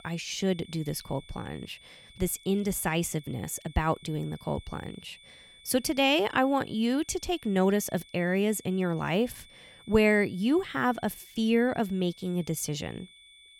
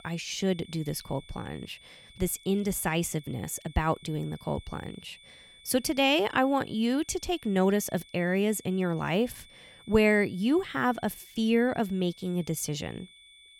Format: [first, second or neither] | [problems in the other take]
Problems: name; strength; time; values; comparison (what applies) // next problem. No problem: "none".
neither | high-pitched whine; faint; throughout; 3.5 kHz, 25 dB below the speech; the same in both